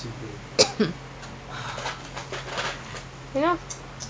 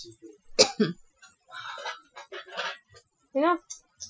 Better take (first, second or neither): first